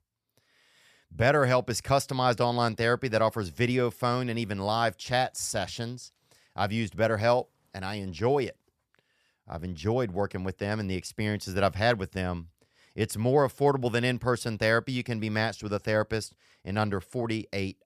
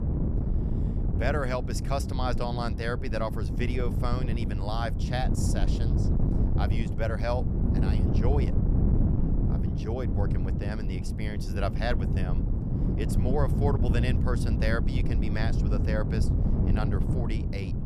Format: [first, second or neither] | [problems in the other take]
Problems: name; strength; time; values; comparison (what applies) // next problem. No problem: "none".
first | wind noise on the microphone; heavy; 4 dB below the speech